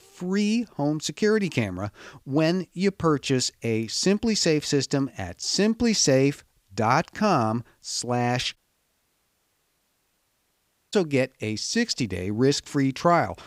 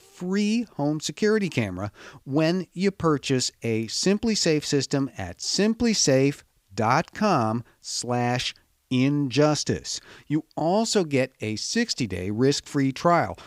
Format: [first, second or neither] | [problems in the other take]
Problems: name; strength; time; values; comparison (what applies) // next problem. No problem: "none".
second | audio cutting out; at 8.5 s for 2.5 s